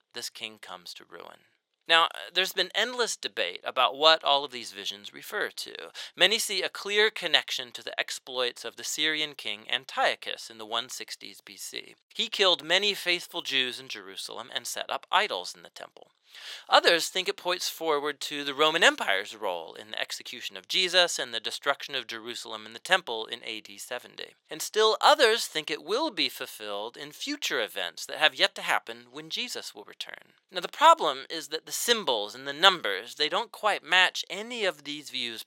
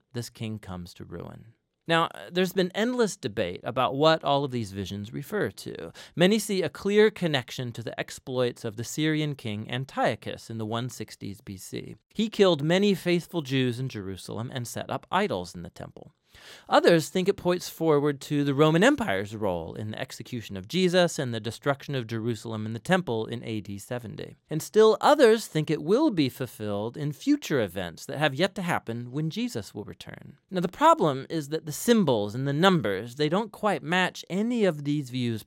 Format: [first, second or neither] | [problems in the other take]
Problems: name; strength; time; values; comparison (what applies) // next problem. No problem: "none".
second | thin; very; fading below 650 Hz